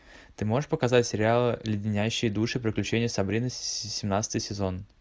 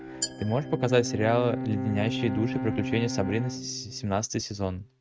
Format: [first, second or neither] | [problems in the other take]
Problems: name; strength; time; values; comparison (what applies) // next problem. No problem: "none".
first | noise reduction (neural mask model RNNoise)